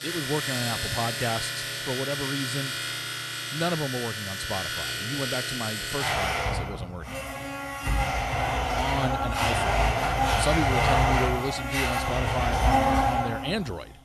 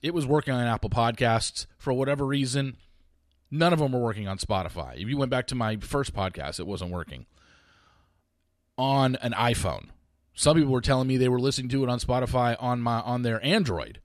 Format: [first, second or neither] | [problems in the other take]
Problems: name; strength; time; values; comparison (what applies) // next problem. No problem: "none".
second | household noises; very loud; throughout; 5 dB above the speech